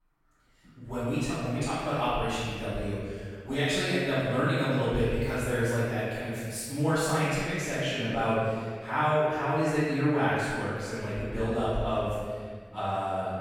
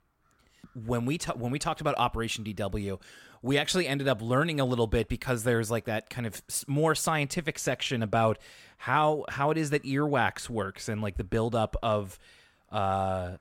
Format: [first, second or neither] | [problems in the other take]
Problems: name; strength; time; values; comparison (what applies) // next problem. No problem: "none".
second | off-mic speech; far // room echo; strong; dies away in 1.7 s